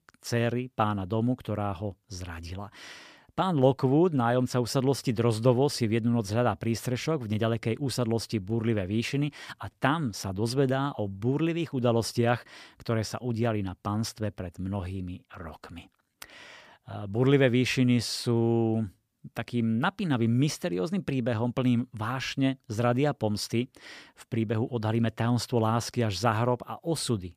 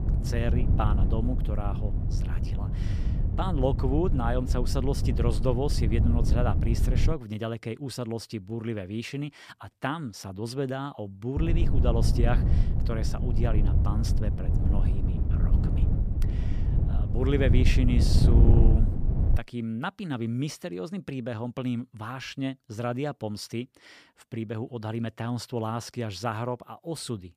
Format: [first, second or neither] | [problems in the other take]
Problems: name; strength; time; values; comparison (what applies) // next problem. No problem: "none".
first | wind noise on the microphone; heavy; until 7 s and from 11 to 19 s; 6 dB below the speech